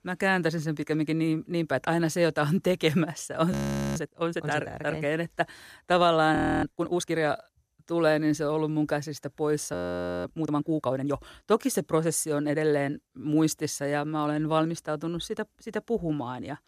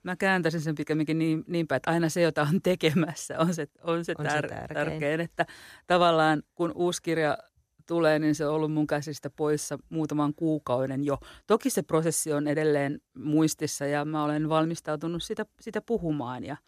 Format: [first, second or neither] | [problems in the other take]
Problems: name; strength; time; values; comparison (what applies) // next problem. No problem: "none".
second | audio freezing; at 3.5 s, at 6.5 s and at 9.5 s for 0.5 s